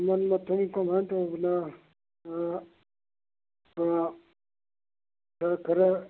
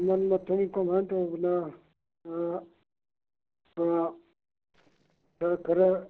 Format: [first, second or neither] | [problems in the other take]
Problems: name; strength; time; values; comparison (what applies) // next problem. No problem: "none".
first | noise reduction (neural separator model SepFormer DNS4)